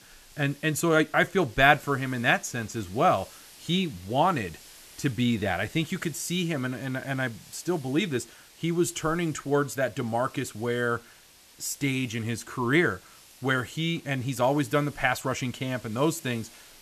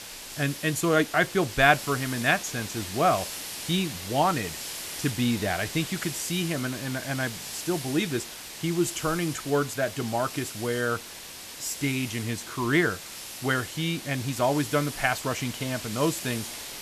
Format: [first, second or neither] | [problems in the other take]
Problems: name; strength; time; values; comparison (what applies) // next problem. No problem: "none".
first | hiss; loud; throughout; 9 dB below the speech; faint in the first